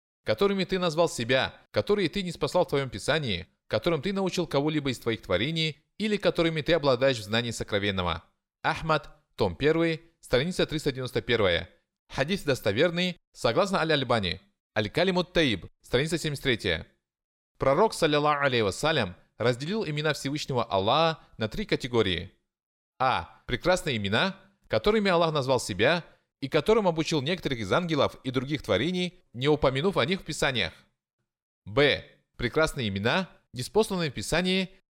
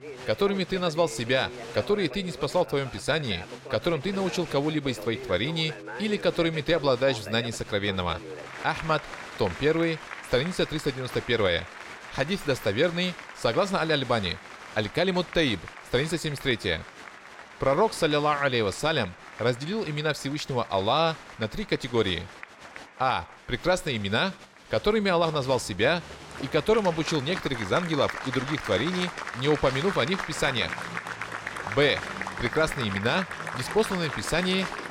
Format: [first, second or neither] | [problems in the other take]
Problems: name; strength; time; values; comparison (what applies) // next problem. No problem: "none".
first | crowd noise; noticeable; throughout; 10 dB below the speech